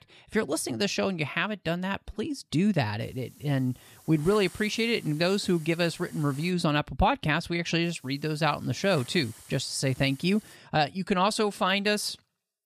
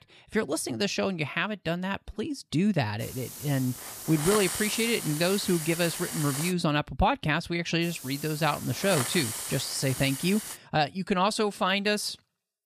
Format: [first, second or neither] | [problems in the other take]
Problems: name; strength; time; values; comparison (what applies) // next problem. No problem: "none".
first | hiss; loud; from 3 to 6.5 s and from 8 to 11 s; 6 dB below the speech; faint in the first